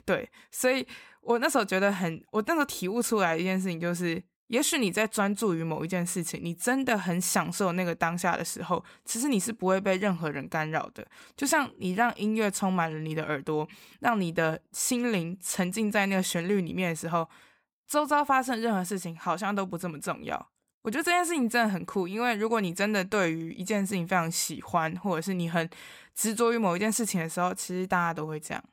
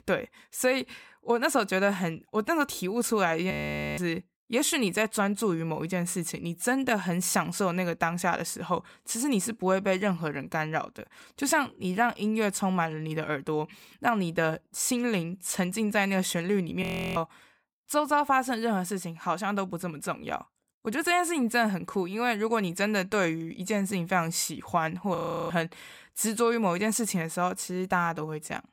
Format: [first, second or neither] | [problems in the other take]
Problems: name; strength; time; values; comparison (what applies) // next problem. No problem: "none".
first | audio freezing; at 3.5 s, at 17 s and at 25 s